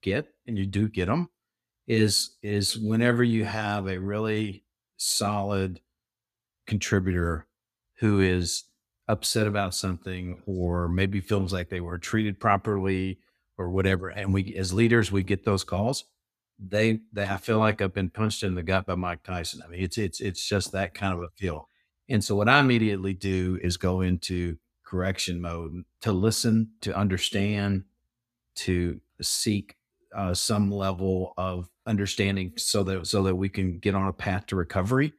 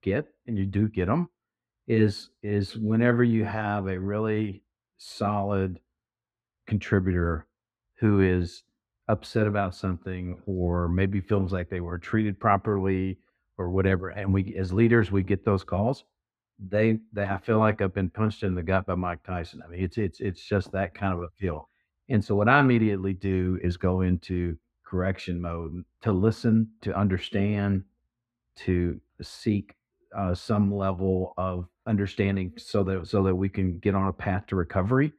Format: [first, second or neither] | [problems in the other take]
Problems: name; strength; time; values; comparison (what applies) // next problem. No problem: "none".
first | muffled; very; fading above 4 kHz